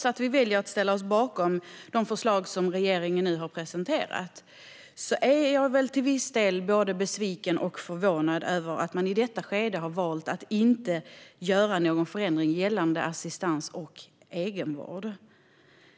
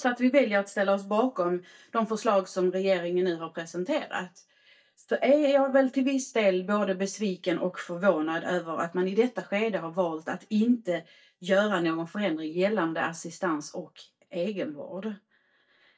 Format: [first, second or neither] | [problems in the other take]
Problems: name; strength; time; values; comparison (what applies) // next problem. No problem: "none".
first | noise reduction (neural mask model DeepFilterNet 3)